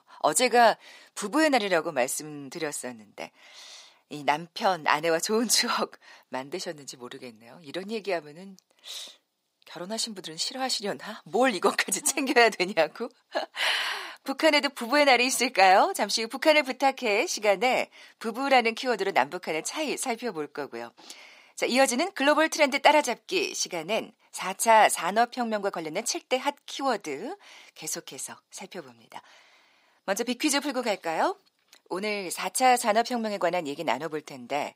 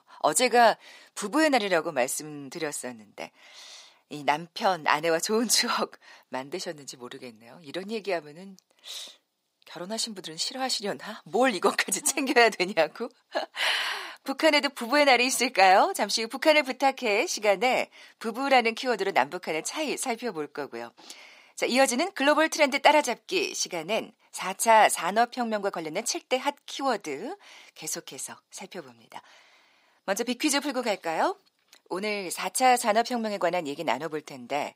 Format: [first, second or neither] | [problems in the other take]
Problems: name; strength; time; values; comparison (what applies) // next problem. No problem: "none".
neither | thin; somewhat; fading below 450 Hz; the same in both